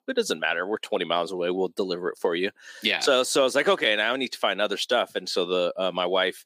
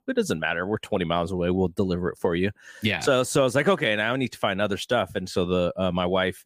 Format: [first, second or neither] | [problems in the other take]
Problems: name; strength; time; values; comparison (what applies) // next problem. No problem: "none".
second | thin; somewhat; fading below 300 Hz